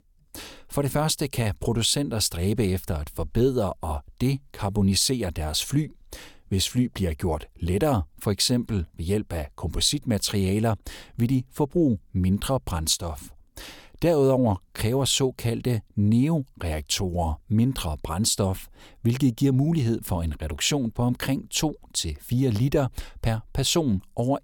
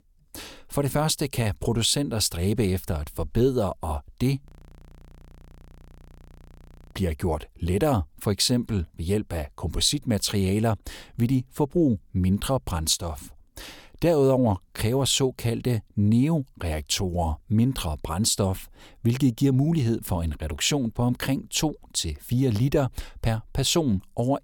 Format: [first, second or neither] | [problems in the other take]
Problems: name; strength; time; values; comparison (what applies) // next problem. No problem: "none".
first | audio freezing; at 4.5 s for 2.5 s